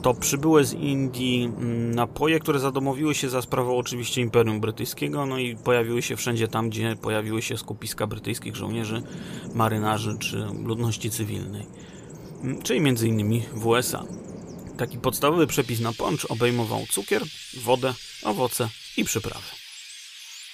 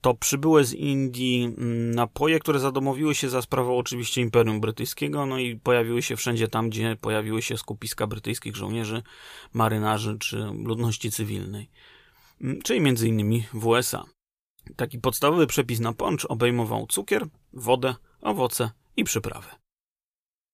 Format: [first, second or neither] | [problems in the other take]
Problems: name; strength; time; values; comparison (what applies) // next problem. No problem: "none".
second | animal sounds; noticeable; throughout; 15 dB below the speech